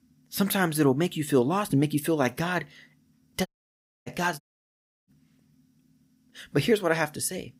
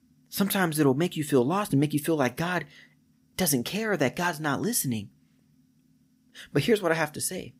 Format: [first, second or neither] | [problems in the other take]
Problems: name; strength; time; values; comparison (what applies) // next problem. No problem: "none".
second | audio cutting out; at 3.5 s for 0.5 s and at 4.5 s for 0.5 s